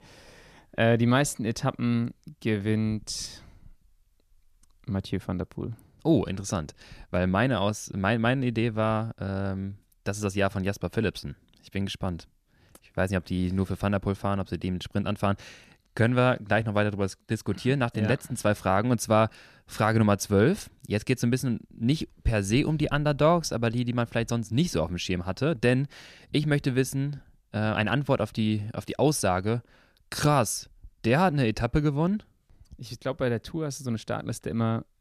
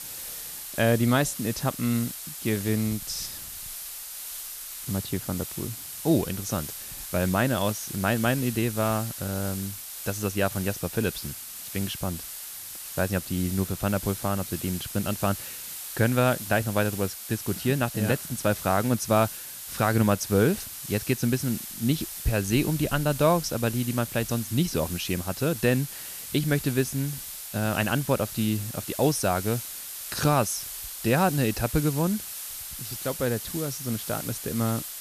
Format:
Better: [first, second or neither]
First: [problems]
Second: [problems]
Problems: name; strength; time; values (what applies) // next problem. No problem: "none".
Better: first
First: none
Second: hiss; loud; throughout; 8 dB below the speech